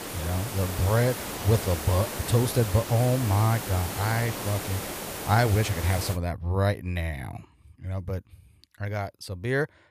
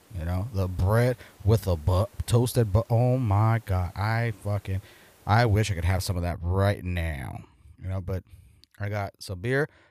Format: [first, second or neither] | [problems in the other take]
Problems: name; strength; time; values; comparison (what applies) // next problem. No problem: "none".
second | hiss; loud; until 6 s; 6 dB below the speech; faint in the second